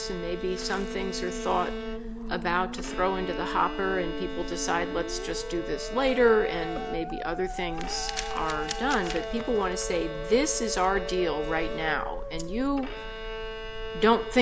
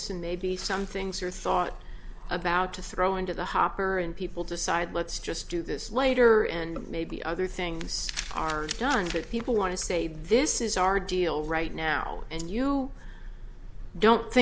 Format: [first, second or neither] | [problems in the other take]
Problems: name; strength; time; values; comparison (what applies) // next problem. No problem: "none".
second | background sound (Bowed string instrument + Musical instrument); 7 dB below the speech